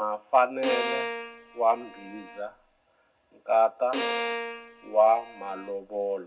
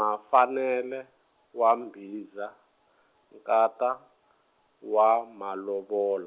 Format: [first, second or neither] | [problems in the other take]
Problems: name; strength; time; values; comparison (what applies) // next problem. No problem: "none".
second | background sound (Bowed string instrument); 7 dB below the speech // room echo; dies away in 0.4 s